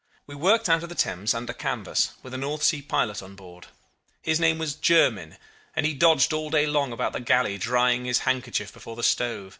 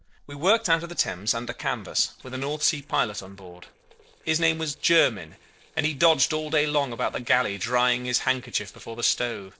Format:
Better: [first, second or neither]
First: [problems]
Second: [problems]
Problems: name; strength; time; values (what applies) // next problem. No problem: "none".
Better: first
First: none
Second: noise reduction (neural separator model SepFormer DNS4)